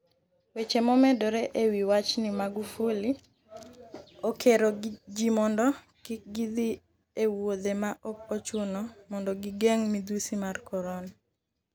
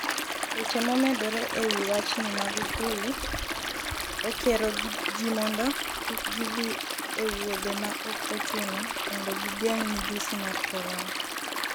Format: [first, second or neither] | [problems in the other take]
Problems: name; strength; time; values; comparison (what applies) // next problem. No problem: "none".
first | background sound (Stream); as loud as the speech